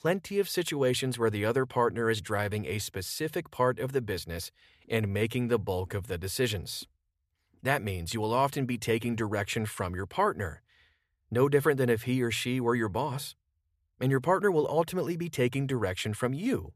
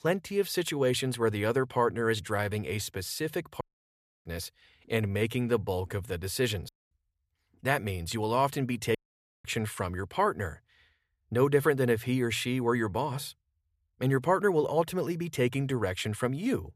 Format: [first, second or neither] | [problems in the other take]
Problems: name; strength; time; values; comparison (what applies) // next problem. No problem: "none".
first | audio cutting out; at 3.5 s for 0.5 s, at 6.5 s and at 9 s